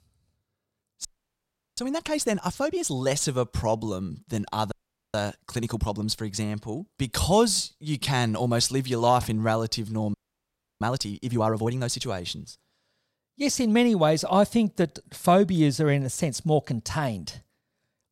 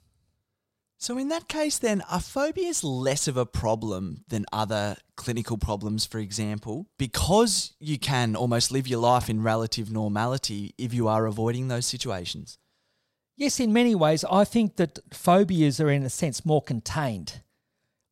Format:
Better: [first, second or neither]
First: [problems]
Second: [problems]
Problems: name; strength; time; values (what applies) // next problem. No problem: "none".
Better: second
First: audio freezing; at 1 s for 0.5 s, at 4.5 s and at 10 s for 0.5 s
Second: none